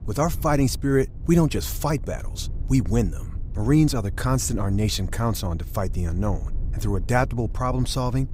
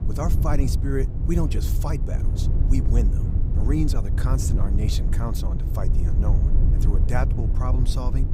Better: first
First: low rumble; faint; throughout; 20 dB below the speech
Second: low rumble; loud; throughout; 5 dB below the speech

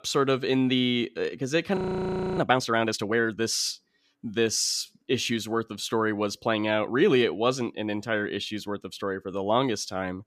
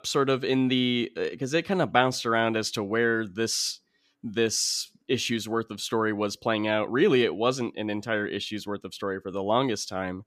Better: second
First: audio freezing; at 2 s for 0.5 s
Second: none

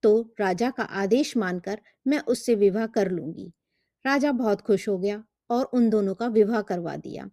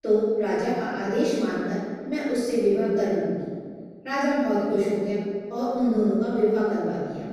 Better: first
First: none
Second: room echo; strong; dies away in 1.5 s // off-mic speech; far

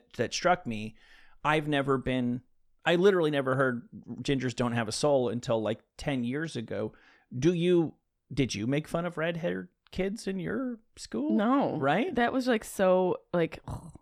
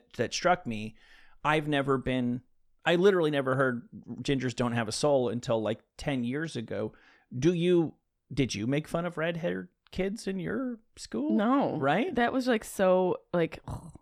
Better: neither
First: none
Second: none

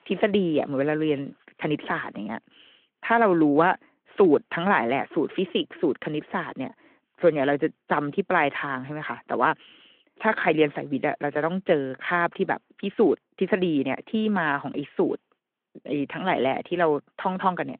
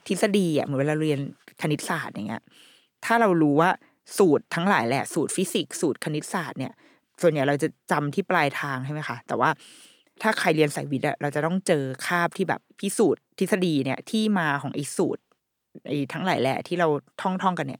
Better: second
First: phone-call audio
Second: none

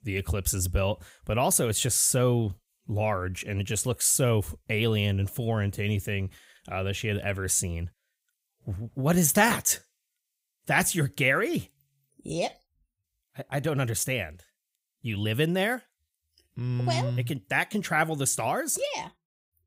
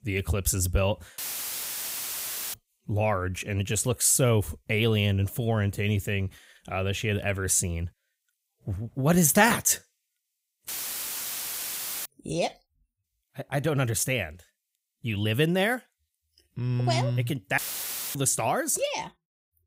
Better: first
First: none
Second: audio cutting out; filled with static; at 1 s for 1.5 s, at 11 s for 1.5 s and at 18 s for 0.5 s

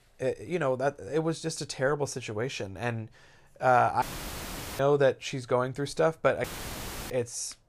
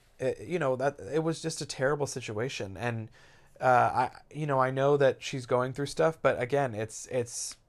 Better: second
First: audio cutting out; filled with static; at 4 s for 1 s and at 6.5 s for 0.5 s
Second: none

